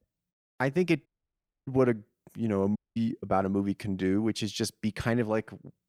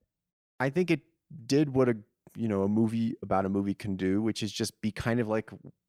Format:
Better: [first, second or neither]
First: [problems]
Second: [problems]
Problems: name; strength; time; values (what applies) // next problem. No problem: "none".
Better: second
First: audio cutting out; at 1 s for 0.5 s and at 3 s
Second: none